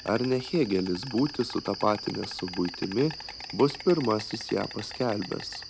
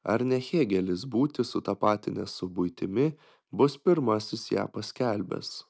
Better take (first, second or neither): second